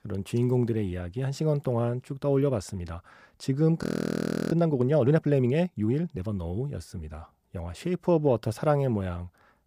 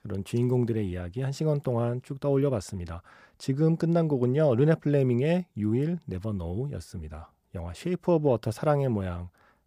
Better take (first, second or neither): second